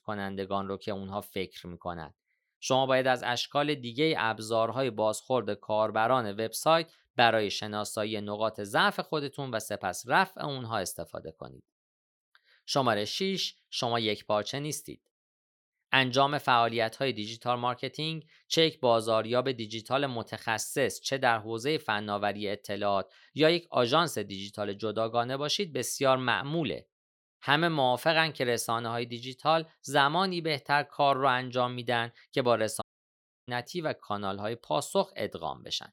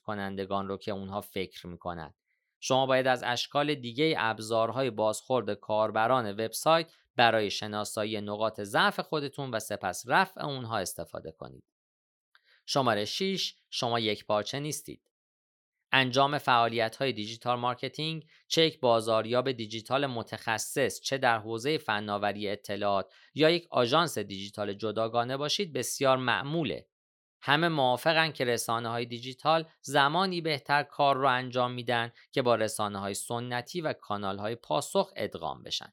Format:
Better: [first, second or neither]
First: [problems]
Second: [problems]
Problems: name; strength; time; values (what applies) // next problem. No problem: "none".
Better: second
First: audio cutting out; at 33 s for 0.5 s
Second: none